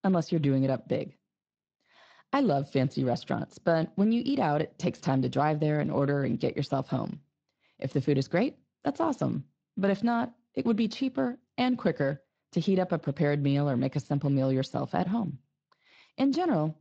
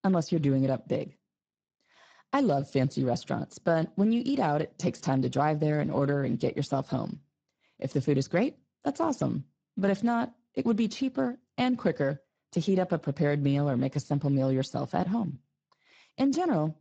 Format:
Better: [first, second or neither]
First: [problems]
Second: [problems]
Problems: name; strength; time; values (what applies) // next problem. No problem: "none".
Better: first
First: garbled, watery; slightly; nothing above 7.5 kHz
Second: garbled, watery; badly; nothing above 7.5 kHz